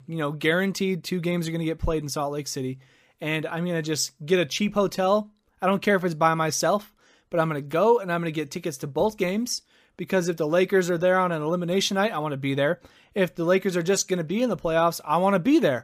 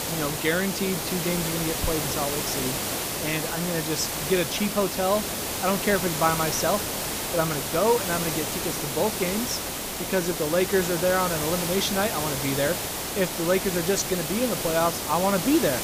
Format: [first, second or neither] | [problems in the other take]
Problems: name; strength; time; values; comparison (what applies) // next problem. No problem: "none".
first | hiss; loud; throughout; 1 dB below the speech